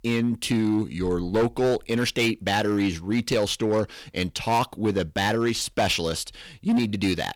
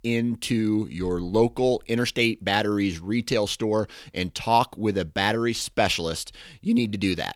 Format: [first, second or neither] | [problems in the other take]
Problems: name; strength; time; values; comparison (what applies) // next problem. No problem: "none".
second | distortion; slight; 7% of the sound clipped